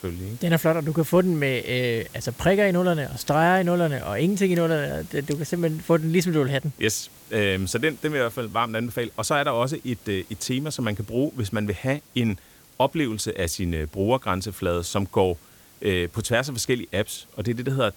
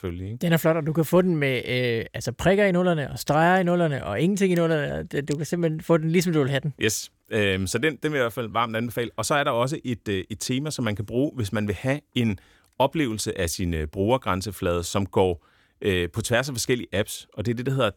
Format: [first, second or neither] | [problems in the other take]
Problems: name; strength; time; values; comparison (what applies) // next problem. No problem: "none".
second | hiss; faint; throughout; 20 dB below the speech